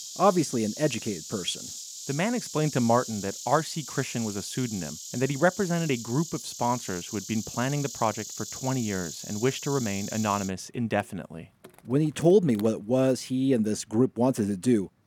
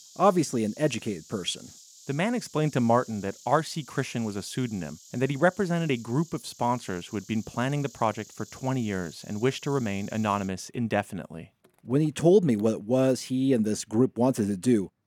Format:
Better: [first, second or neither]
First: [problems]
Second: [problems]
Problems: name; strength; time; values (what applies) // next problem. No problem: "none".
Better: second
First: animal sounds; loud; throughout; 10 dB below the speech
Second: animal sounds; faint; throughout; 20 dB below the speech